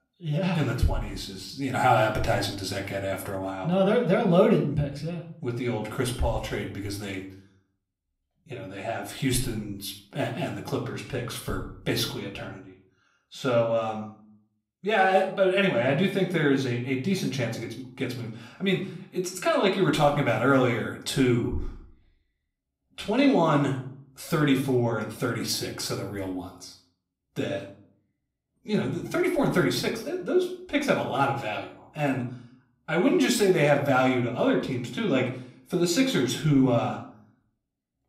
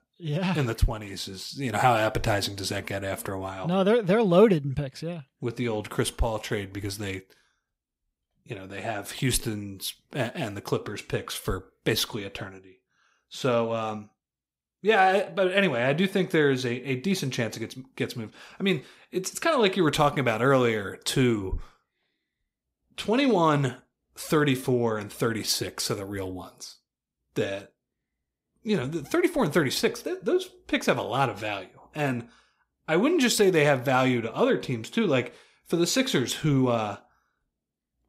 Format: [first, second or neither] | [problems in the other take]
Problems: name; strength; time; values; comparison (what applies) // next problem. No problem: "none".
second | off-mic speech; somewhat distant // room echo; slight; dies away in 0.4 s